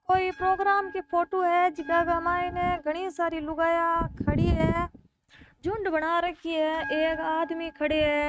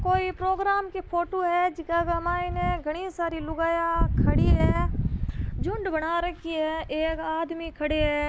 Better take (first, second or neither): second